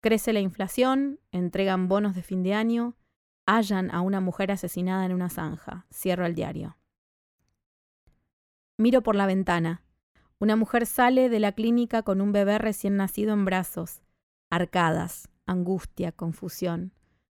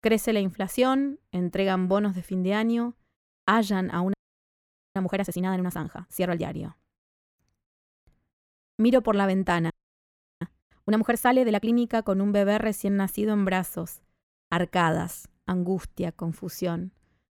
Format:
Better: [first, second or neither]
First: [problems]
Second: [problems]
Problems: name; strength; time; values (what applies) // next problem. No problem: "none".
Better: first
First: none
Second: audio freezing; at 4 s for 1 s and at 9.5 s for 0.5 s